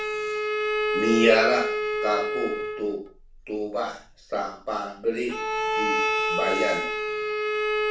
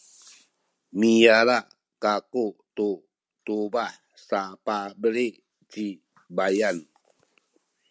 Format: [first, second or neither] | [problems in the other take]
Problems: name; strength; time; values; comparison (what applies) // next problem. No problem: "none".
second | background sound (Bowed string instrument); as loud as the speech // room echo; dies away in 0.4 s